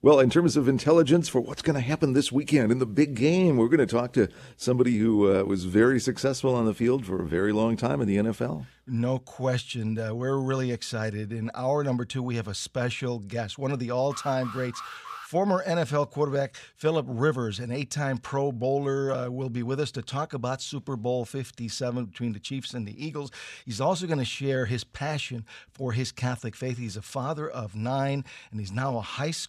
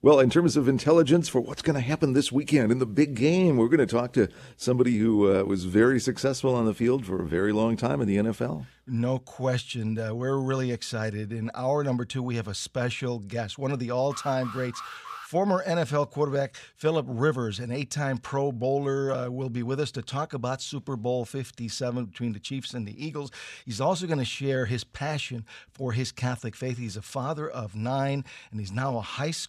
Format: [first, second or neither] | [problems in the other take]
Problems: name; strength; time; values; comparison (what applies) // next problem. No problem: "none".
neither | alarm; faint; from 14 to 15 s; peak 10 dB below the speech; the same in both